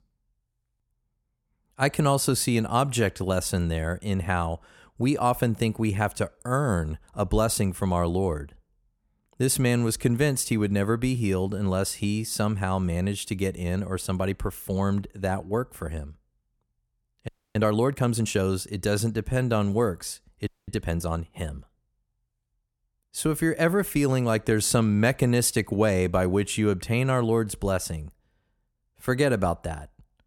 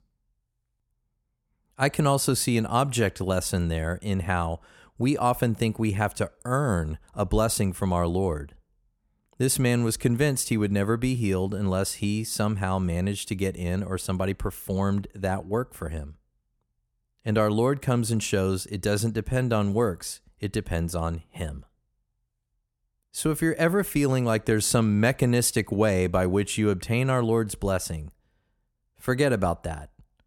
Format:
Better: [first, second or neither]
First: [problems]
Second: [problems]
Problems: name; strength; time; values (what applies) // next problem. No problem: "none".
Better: second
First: audio freezing; at 17 s and at 20 s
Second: none